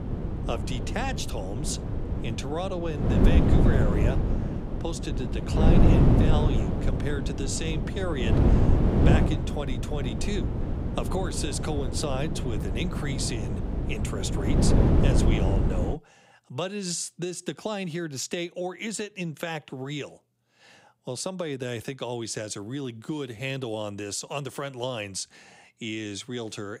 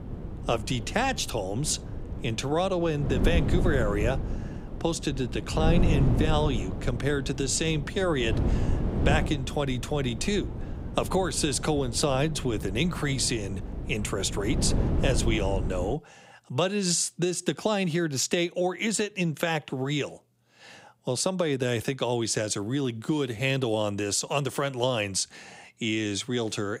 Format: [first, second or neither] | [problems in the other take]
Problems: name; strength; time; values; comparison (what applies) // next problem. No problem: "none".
second | wind noise on the microphone; heavy; until 16 s; as loud as the speech; occasional gusts in the second